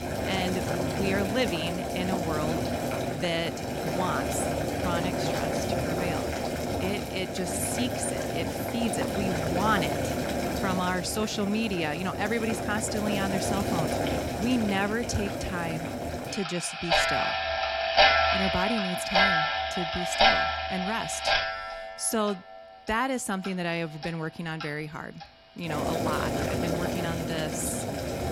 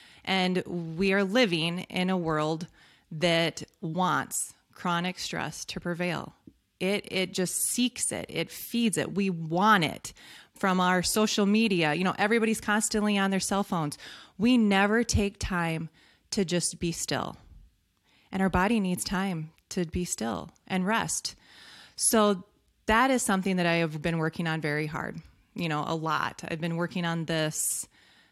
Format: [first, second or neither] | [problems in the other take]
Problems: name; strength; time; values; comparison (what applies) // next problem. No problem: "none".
second | household noises; very loud; throughout; 3 dB above the speech